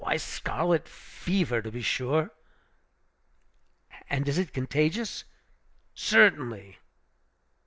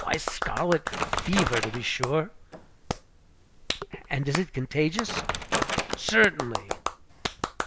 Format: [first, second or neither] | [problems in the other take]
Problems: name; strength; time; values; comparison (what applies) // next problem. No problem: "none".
first | background sound (Clapping + Wood); 3 dB below the speech